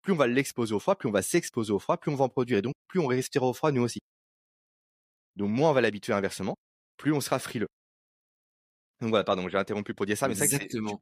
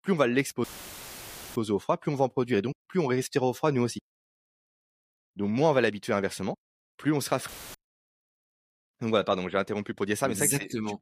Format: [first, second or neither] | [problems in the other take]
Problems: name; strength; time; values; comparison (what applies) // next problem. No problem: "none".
first | audio cutting out; filled with static; at 0.5 s for 1 s and at 7.5 s